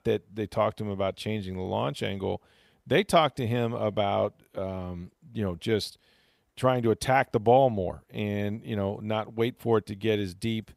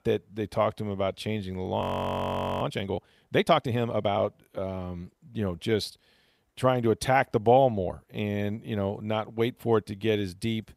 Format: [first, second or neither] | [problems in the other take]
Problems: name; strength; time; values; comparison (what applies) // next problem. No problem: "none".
first | audio freezing; at 2 s for 1 s